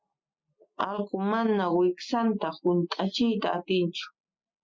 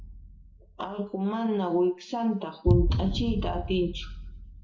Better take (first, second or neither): first